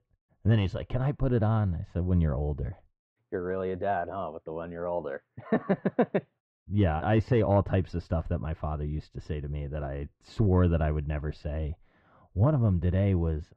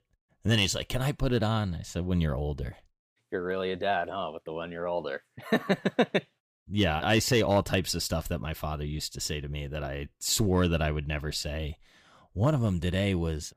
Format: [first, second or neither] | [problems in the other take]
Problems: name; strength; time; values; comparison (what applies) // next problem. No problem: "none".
second | muffled; very; fading above 1.5 kHz